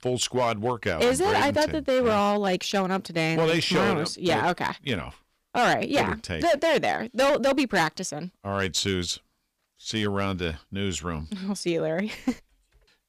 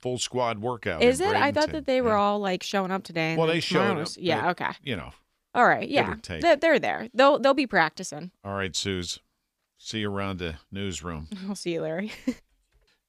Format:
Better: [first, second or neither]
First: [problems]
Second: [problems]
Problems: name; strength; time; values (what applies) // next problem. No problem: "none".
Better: second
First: distortion; heavy; 8% of the sound clipped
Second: none